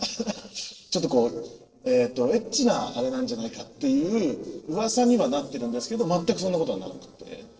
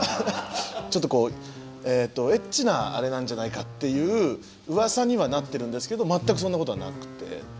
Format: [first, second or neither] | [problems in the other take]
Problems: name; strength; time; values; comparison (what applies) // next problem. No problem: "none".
second | noise reduction (neural separator model SepFormer DNS4)